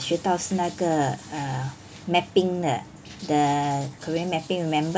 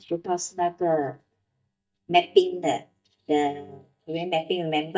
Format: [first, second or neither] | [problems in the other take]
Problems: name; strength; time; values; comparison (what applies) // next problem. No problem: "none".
first | noise reduction (neural mask model DeepFilterNet 3)